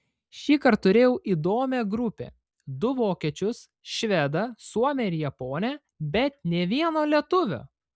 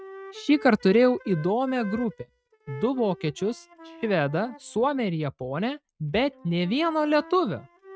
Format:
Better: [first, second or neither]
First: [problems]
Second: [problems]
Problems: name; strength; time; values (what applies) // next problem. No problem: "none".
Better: first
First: none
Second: noise reduction (neural mask model RNNoise)